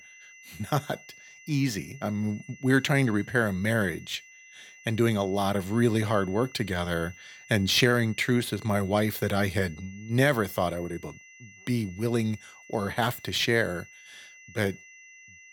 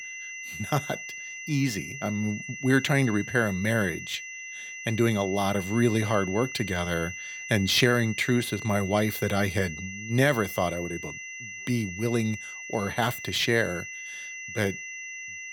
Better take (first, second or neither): first